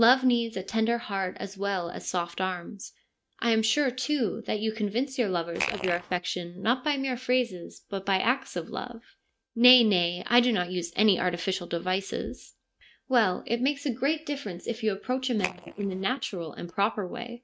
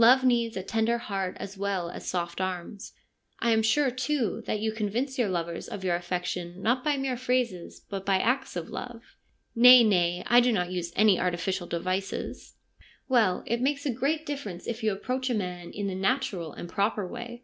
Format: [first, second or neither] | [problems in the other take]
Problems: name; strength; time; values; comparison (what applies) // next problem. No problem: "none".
second | noise reduction (neural mask model RNNoise)